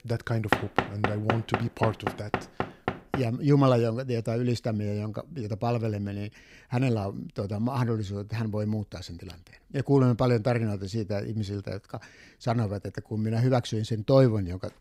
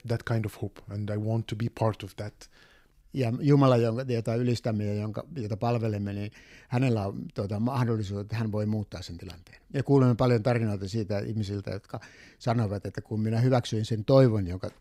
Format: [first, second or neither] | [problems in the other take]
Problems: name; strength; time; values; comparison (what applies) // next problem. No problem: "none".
second | door banging; loud; from 0.5 to 3 s; peak 1 dB above the speech